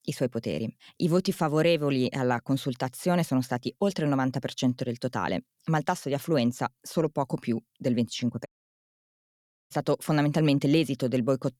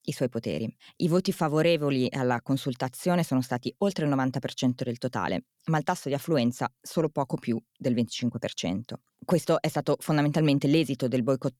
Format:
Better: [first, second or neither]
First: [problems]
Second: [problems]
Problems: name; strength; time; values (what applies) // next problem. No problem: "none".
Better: second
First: audio cutting out; at 8.5 s for 1 s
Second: none